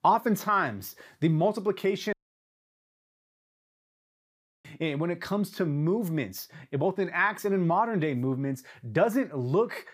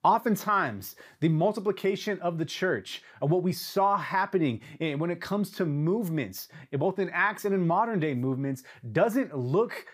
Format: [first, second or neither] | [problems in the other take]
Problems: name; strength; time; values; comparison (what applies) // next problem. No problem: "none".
second | audio cutting out; at 2 s for 2.5 s